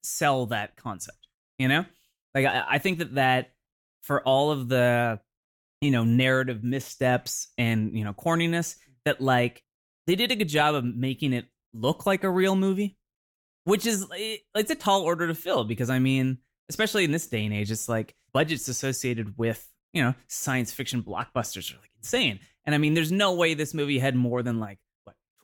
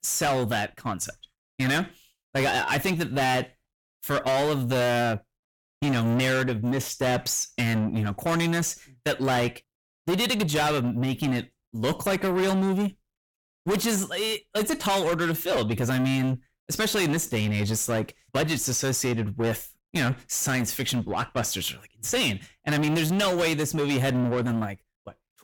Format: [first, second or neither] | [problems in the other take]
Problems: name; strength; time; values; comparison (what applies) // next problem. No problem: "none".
first | distortion; heavy; 7 dB below the speech